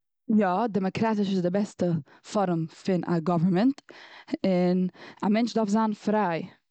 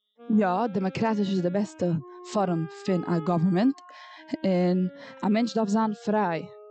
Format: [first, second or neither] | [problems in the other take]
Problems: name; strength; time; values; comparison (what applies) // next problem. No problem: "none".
first | noise reduction (classical method Wiener filter)